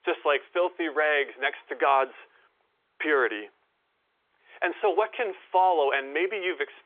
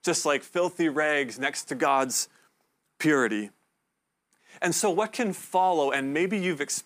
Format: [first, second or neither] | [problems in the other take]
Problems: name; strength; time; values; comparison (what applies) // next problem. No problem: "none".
second | phone-call audio; nothing above 3.5 kHz